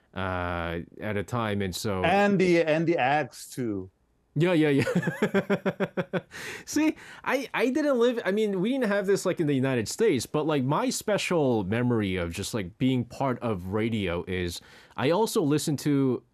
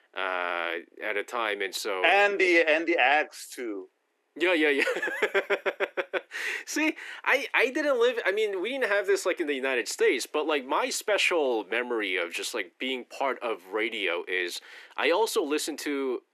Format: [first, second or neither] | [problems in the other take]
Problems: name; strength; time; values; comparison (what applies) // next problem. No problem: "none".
first | thin; somewhat; fading below 300 Hz